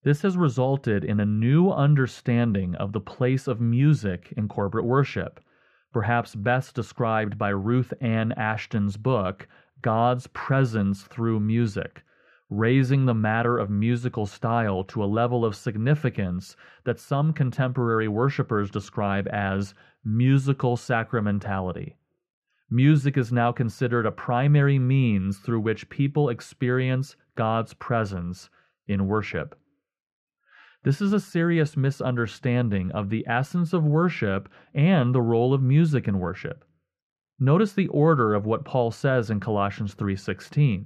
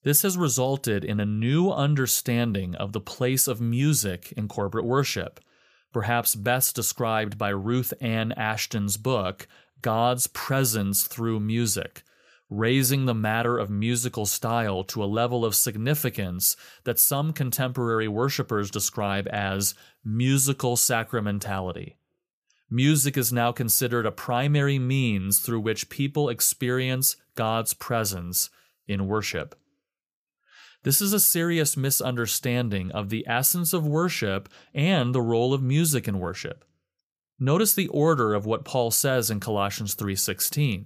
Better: second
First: muffled; very; fading above 2 kHz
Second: none

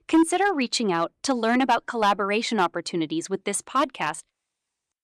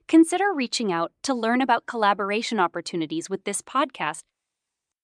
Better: second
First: distortion; slight; 3% of the sound clipped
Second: none

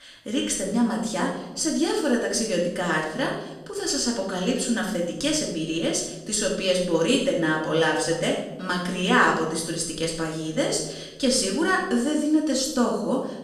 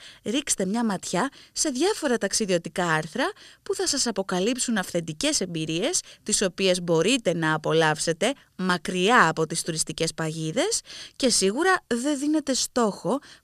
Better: second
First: room echo; noticeable; dies away in 0.8 s // off-mic speech; far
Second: none

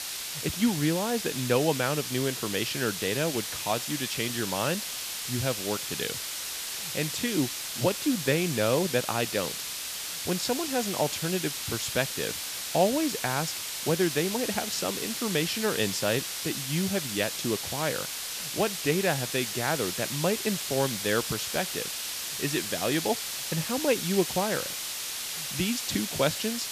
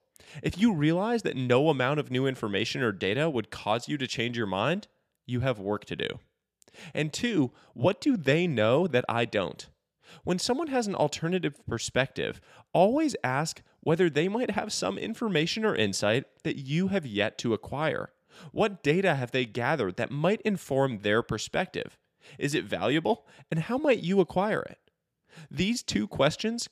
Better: second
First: hiss; loud; throughout; 2 dB below the speech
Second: none

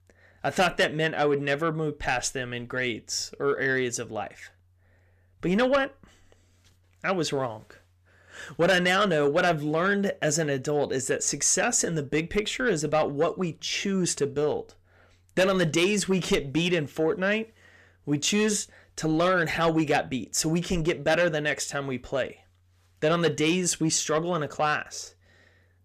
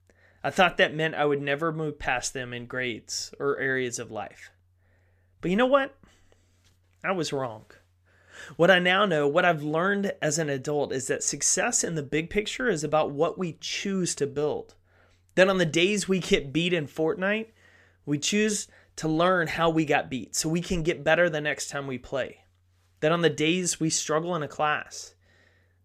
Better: second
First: distortion; slight; 10 dB below the speech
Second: none

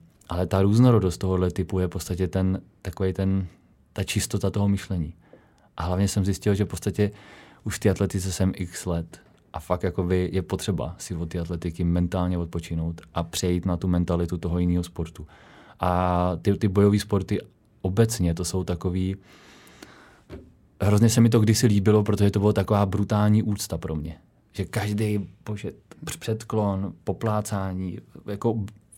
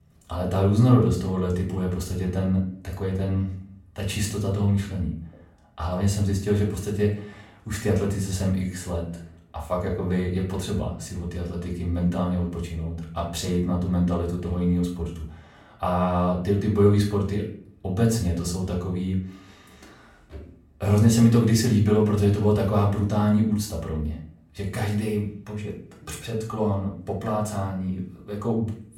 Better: first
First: none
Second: off-mic speech; far // room echo; slight; dies away in 0.4 s

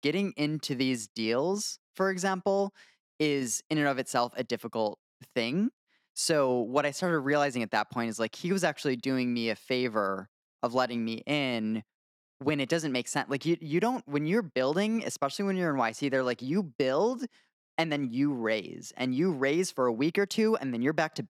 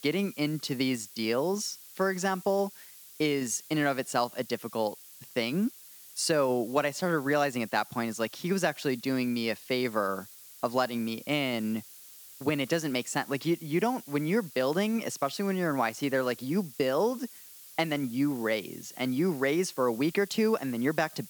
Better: first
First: none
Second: hiss; noticeable; throughout; 15 dB below the speech

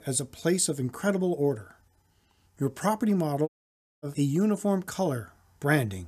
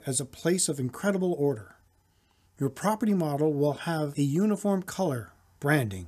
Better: second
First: audio cutting out; at 3.5 s for 0.5 s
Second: none

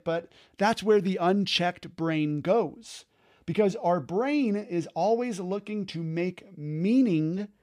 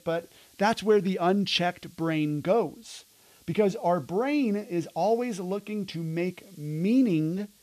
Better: first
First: none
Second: hiss; faint; throughout; 30 dB below the speech

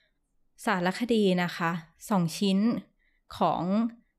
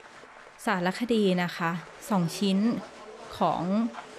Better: first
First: none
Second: crowd noise; noticeable; throughout; 20 dB below the speech

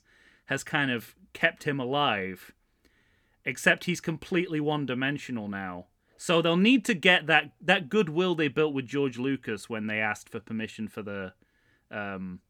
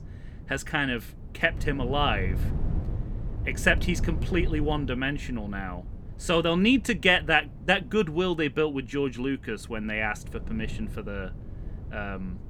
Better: first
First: none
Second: wind noise on the microphone; occasional gusts; 20 dB below the speech

